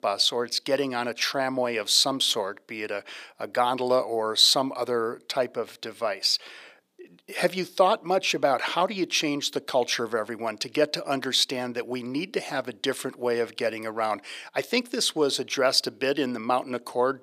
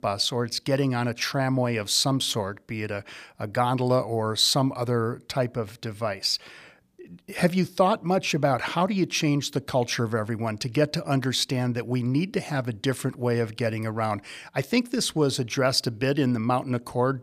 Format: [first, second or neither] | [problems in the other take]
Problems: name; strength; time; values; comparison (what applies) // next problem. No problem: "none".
second | thin; somewhat; fading below 400 Hz